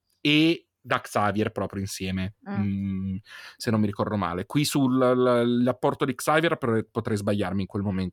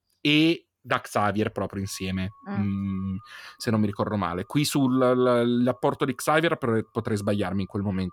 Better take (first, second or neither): first